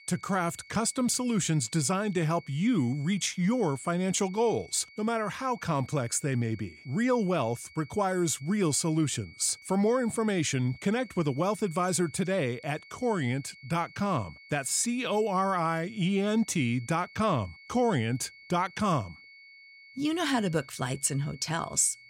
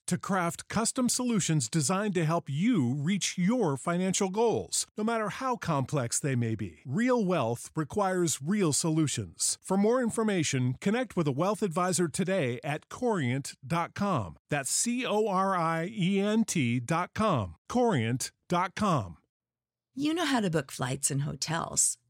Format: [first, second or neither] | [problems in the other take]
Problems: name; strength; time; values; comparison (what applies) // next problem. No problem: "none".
second | high-pitched whine; faint; throughout; 2 kHz, 20 dB below the speech